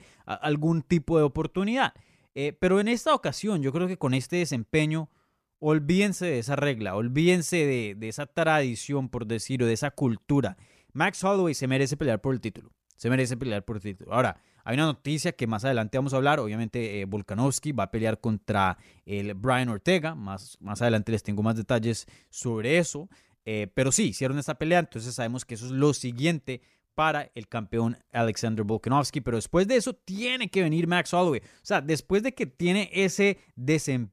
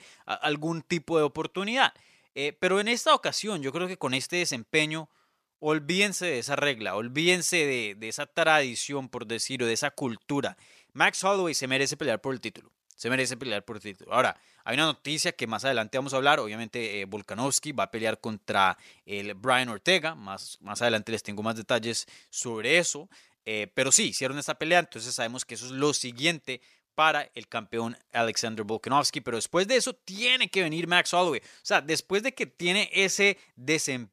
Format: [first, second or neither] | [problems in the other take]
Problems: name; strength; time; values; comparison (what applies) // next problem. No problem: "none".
first | thin; somewhat; fading below 650 Hz